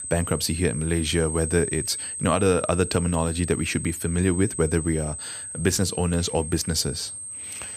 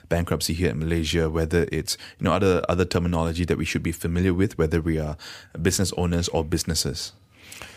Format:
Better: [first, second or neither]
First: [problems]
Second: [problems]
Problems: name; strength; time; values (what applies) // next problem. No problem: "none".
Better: second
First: high-pitched whine; loud; throughout; 8 kHz, 7 dB below the speech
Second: none